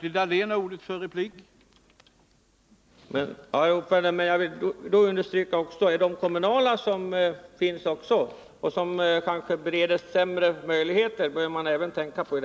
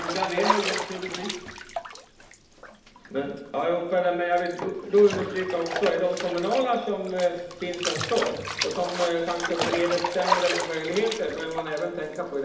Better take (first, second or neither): first